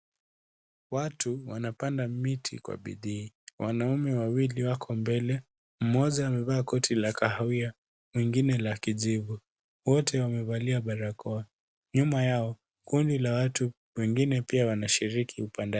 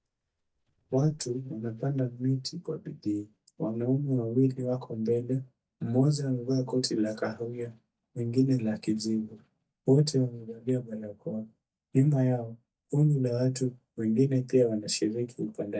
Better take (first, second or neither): first